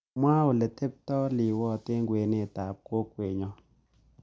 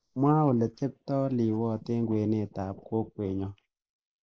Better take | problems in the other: first | noise reduction (neural mask model Resemble Enhance denoiser)

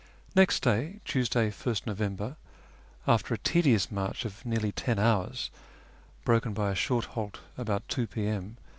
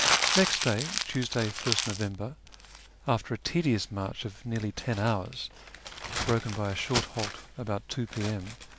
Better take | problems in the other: first | background sound (Crumpling, crinkling); 3 dB below the speech

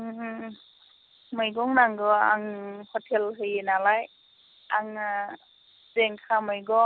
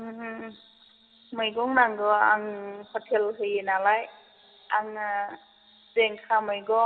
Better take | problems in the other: first | room echo; dies away in 1 s

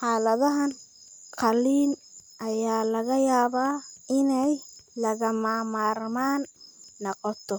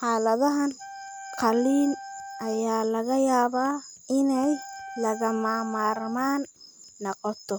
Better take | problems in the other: first | background sound (Wind instrument, woodwind instrument); 16 dB below the speech

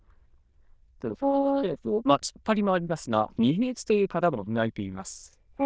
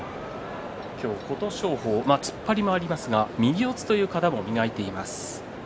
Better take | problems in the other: second | noise reduction (neural diffusion model UNIVERSE++)

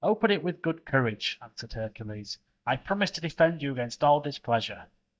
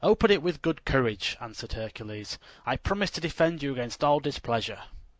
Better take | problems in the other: second | noise reduction (neural mask model DeepFilterNet 3)

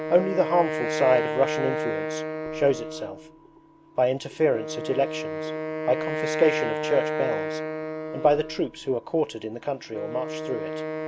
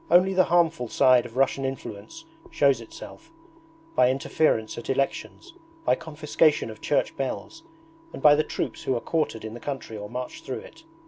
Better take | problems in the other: second | background sound (Wind instrument, woodwind instrument); 4 dB below the speech

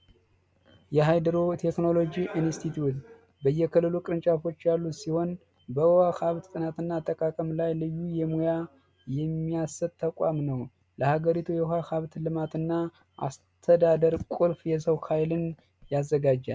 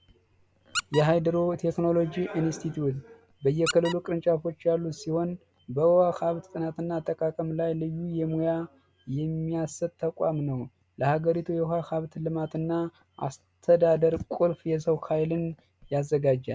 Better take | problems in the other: first | background sound (Squeak); 13 dB below the speech

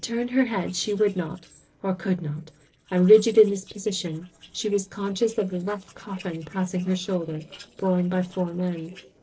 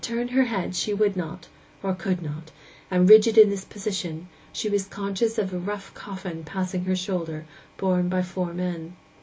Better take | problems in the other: second | noise reduction (neural separator model SepFormer DNS4)

